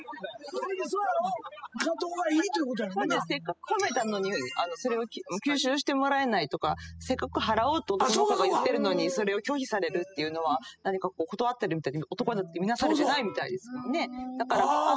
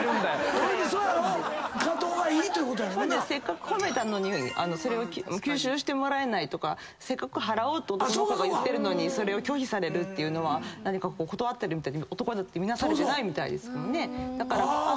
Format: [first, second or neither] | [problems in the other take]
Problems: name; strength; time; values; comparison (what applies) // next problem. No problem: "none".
second | noise reduction (classical method spectral subtraction)